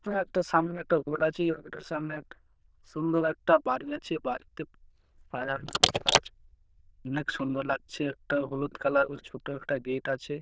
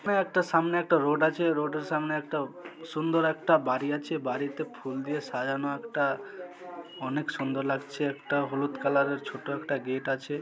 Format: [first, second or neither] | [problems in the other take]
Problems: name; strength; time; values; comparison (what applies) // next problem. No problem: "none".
second | noise reduction (neural diffusion model UNIVERSE++)